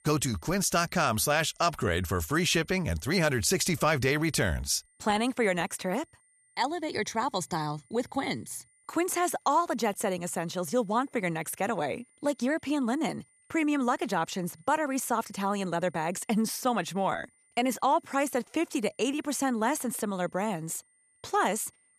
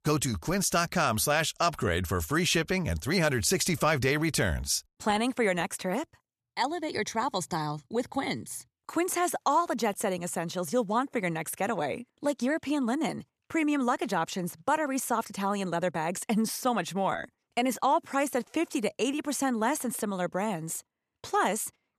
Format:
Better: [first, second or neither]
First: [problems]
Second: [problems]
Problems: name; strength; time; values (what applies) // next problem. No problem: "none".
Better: second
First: high-pitched whine; faint; throughout; 9 kHz, 35 dB below the speech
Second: none